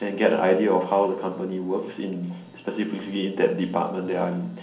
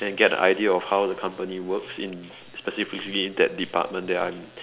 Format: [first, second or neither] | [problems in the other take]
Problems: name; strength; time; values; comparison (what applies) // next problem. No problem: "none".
second | room echo; dies away in 0.6 s